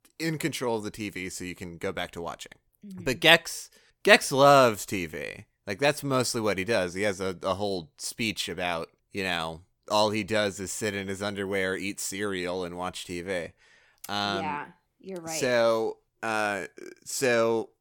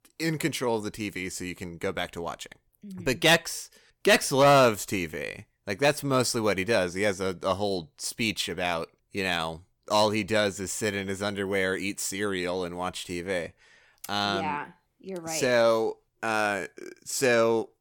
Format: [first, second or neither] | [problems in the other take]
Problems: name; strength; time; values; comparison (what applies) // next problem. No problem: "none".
first | distortion; slight; 0.8% of the sound clipped